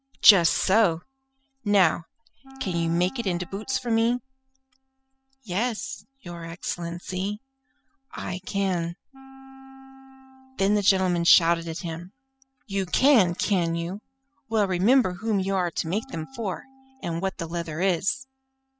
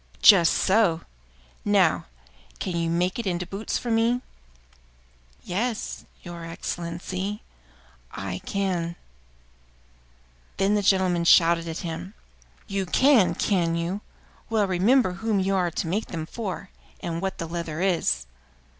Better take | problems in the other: second | noise reduction (classical method spectral subtraction)

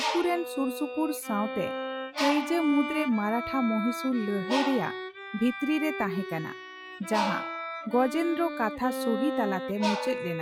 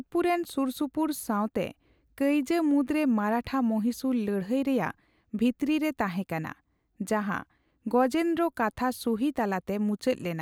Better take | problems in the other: second | noise reduction (classical method log-MMSE)

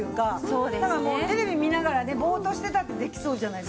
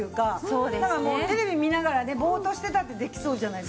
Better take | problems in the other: second | background sound (Piano); 10 dB below the speech

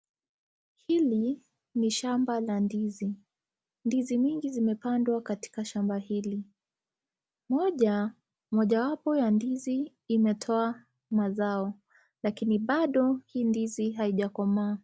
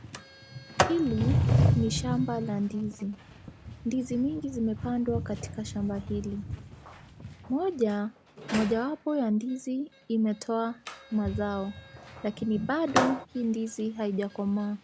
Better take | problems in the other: first | background sound (Sliding door); 2 dB below the speech

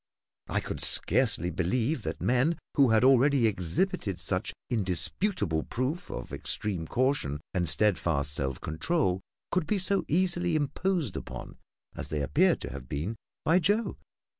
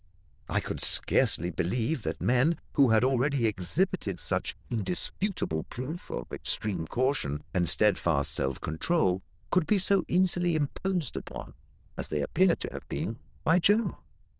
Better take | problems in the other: first | noise reduction (neural diffusion model UNIVERSE++)

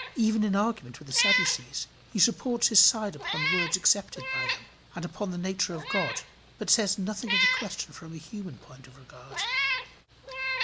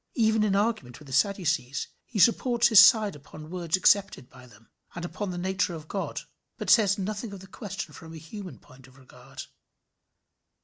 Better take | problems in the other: second | background sound (Meow); 3 dB below the speech

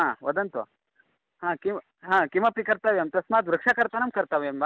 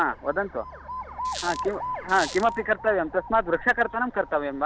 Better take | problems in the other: first | background sound (Squeak + Alarm); 10 dB below the speech

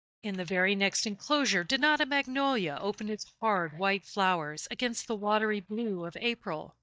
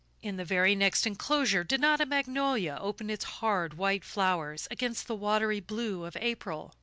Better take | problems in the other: second | noise reduction (neural mask model DeepFilterNet 3)

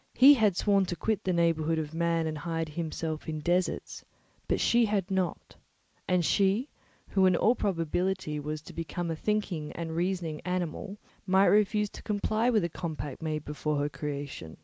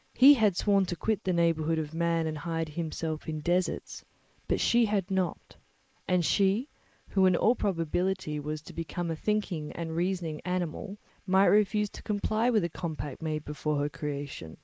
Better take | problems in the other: first | noise reduction (neural mask model Resemble Enhance denoiser)

